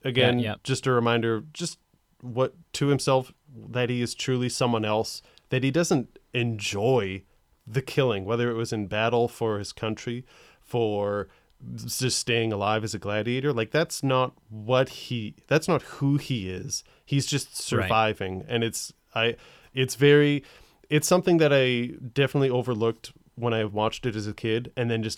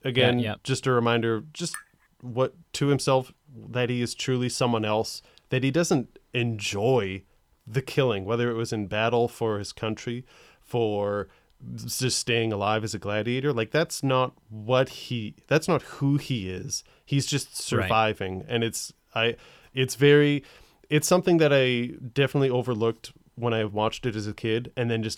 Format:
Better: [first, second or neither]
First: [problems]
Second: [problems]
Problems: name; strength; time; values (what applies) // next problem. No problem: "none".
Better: first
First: none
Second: clattering dishes; faint; at 1.5 s; peak 15 dB below the speech